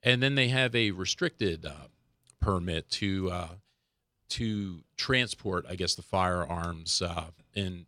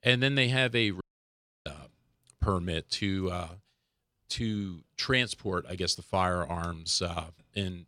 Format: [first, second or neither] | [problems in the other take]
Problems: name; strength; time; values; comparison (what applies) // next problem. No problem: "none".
first | audio cutting out; at 1 s for 0.5 s